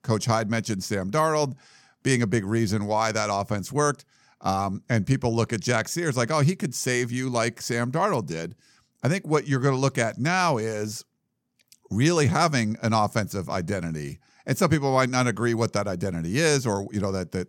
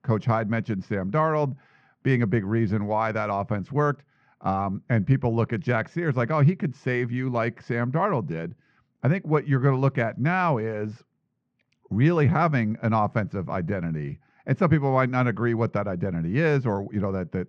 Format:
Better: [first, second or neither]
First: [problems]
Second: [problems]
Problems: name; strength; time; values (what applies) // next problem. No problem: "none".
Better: first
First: none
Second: muffled; very; fading above 2.5 kHz